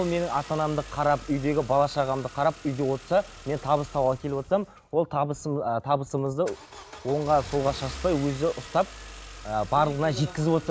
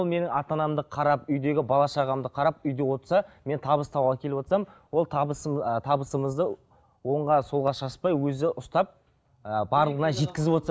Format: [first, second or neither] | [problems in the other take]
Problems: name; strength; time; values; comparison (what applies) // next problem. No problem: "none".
second | background sound (Engine starting / Car); 17 dB below the speech